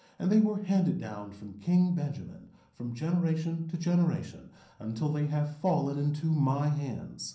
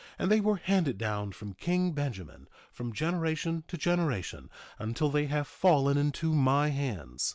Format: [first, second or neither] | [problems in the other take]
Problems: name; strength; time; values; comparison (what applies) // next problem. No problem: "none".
second | room echo; dies away in 0.6 s